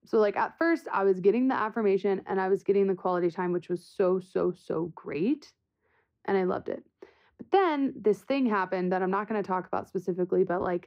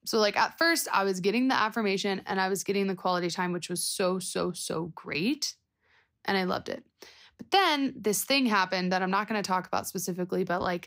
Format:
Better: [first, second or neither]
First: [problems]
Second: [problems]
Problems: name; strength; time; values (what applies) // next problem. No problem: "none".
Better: second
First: muffled; very; fading above 3 kHz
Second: none